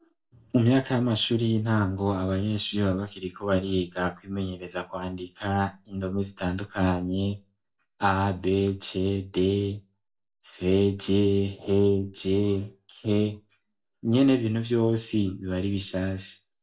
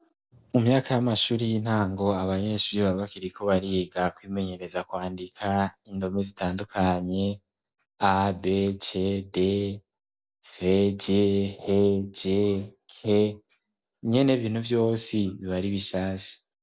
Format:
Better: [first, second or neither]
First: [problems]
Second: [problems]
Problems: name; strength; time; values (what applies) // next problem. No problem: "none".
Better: second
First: room echo; dies away in 0.2 s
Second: none